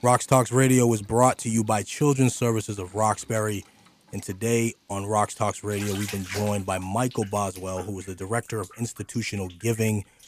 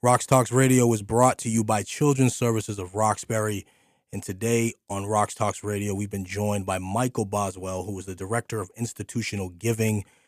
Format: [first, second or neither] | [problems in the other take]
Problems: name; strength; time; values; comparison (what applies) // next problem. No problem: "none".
second | household noises; noticeable; throughout; 20 dB below the speech